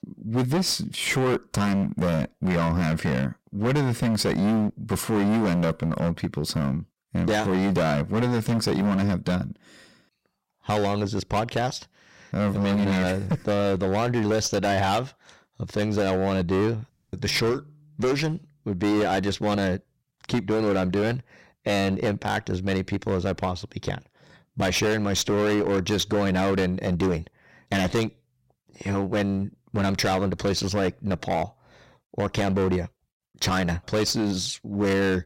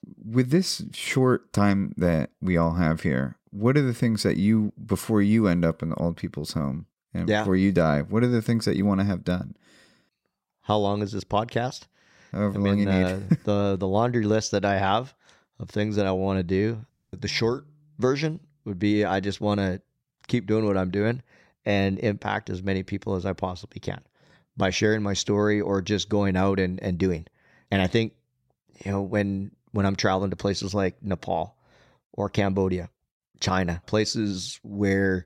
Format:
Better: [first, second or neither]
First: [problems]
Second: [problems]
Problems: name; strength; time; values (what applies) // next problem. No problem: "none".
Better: second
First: distortion; heavy; 19% of the sound clipped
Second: none